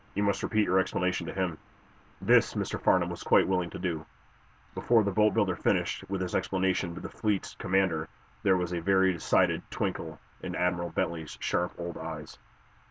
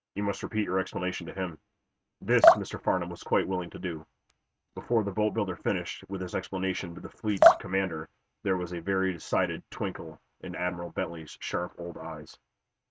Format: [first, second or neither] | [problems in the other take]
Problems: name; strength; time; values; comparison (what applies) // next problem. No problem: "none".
first | noise reduction (neural mask model RNNoise)